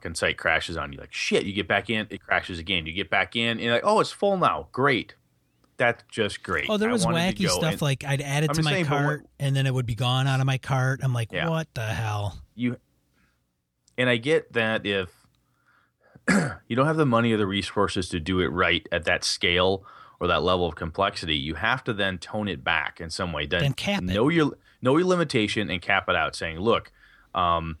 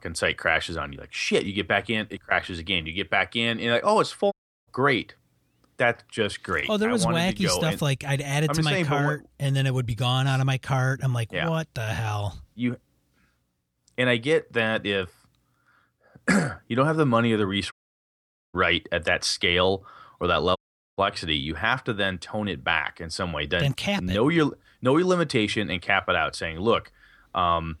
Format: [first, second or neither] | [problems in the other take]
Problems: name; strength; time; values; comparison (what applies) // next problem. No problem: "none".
first | audio cutting out; at 4.5 s, at 18 s for 1 s and at 21 s